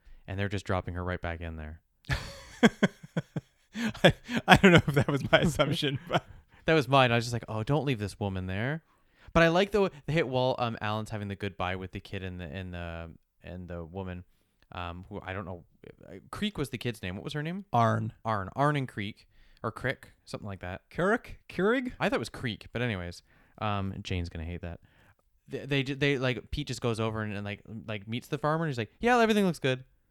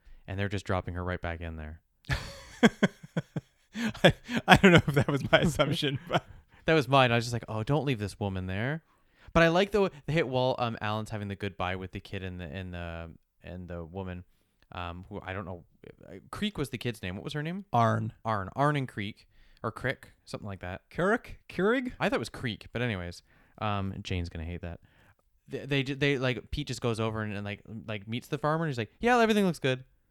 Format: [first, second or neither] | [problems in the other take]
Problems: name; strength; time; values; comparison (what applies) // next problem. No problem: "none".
neither | none